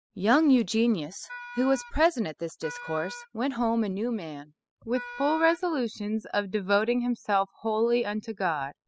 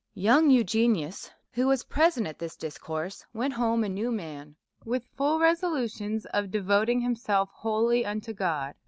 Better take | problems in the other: second | noise reduction (classical method spectral subtraction)

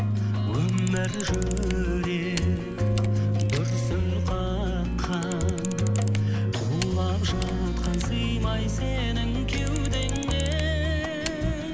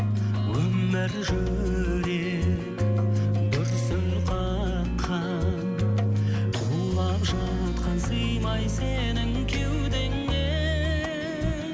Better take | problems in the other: second | background sound (Camera); 15 dB below the speech

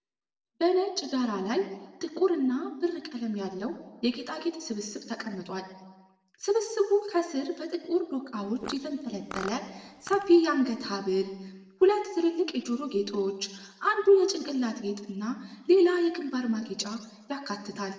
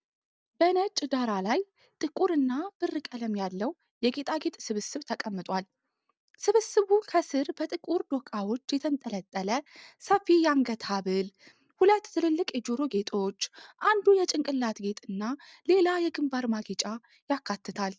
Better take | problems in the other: second | background sound (Fart); 14 dB below the speech // room echo; dies away in 0.9 s

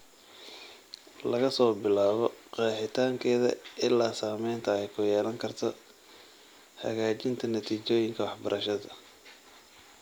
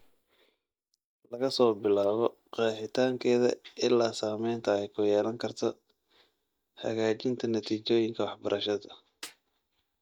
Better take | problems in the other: first | noise reduction (neural mask model DeepFilterNet 3)

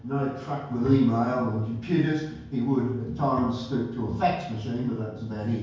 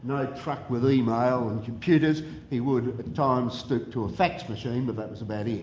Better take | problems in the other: second | background sound (Bowed string instrument); 14 dB below the speech // room echo; dies away in 0.5 s

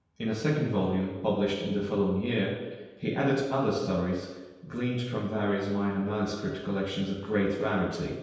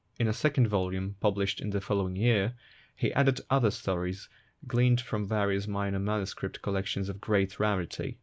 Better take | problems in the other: second | room echo; dies away in 1.2 s

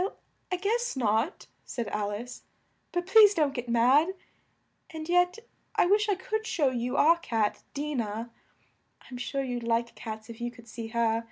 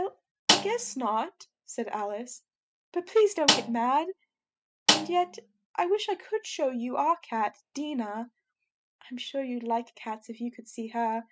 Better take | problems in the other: first | noise reduction (classical method spectral subtraction)

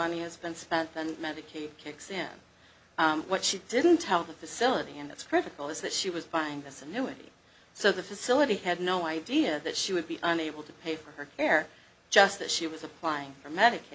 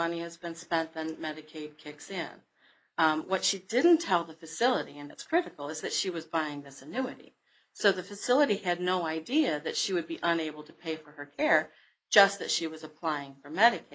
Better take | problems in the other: first | noise reduction (neural mask model Resemble Enhance denoiser)

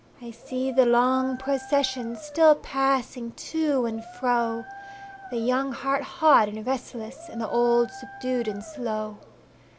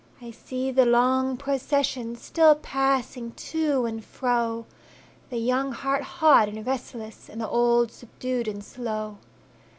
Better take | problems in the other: second | background sound (Dog); 18 dB below the speech

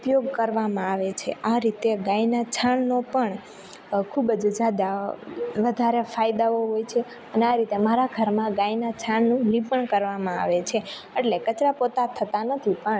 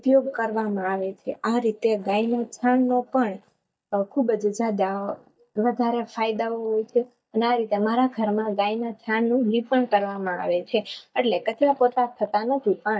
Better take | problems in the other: first | noise reduction (neural mask model DeepFilterNet 3)

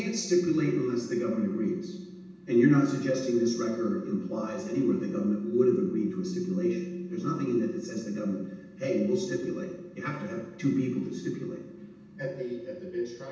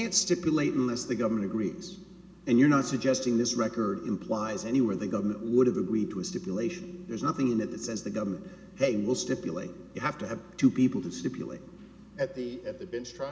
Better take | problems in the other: second | room echo; dies away in 0.9 s

